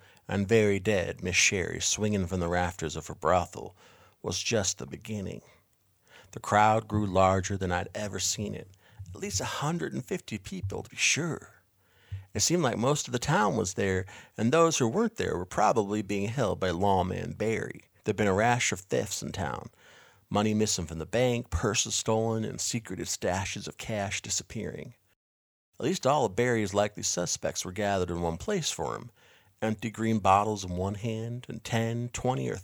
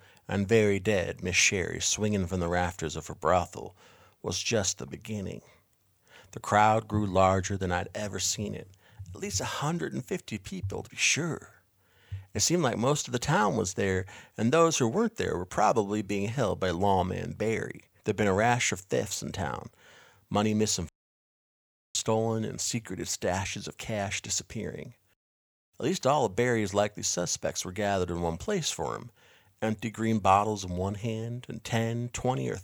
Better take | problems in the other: first | audio cutting out; at 21 s for 1 s

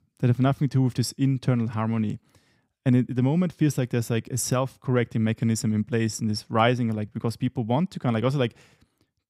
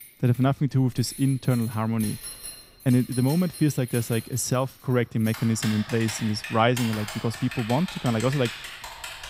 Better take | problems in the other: first | household noises; noticeable; throughout; 10 dB below the speech

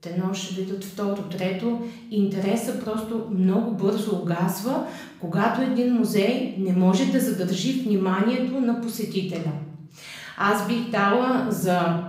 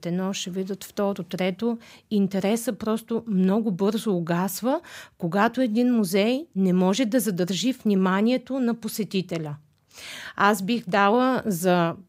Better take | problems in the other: second | room echo; noticeable; dies away in 0.7 s // off-mic speech; far

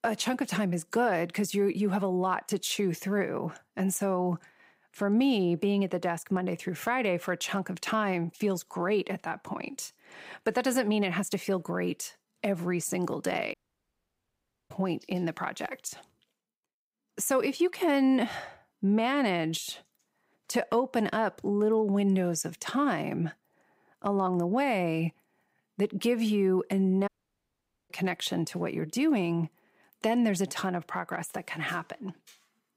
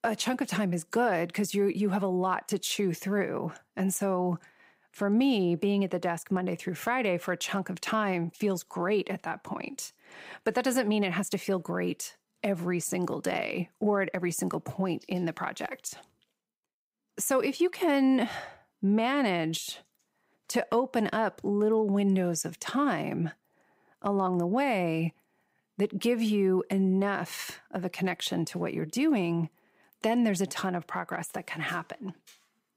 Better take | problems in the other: second | audio cutting out; at 14 s for 1 s and at 27 s for 1 s

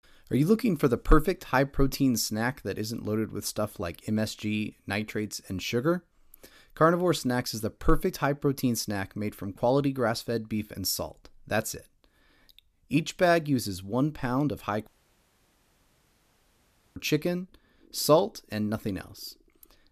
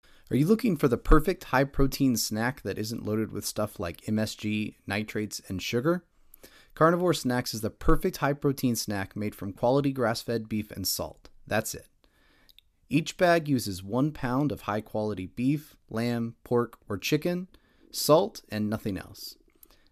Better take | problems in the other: second | audio cutting out; at 15 s for 2 s

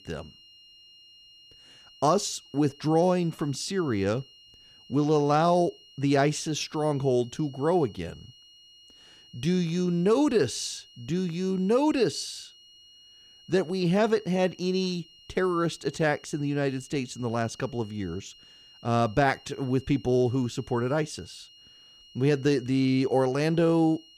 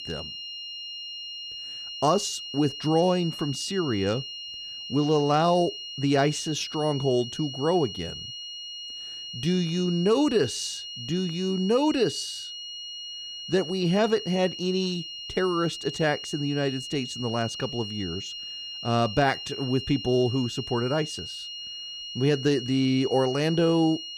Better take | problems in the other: first | high-pitched whine; loud; throughout; 3 kHz, 9 dB below the speech; faint in the first

